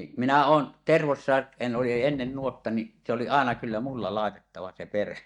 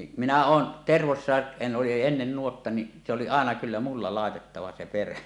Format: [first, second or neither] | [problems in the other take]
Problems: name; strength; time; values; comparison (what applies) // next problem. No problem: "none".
second | noise reduction (neural mask model DeepFilterNet 3)